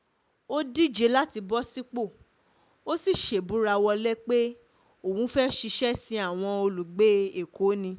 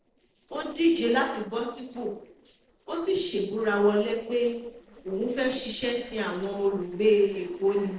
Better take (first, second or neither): first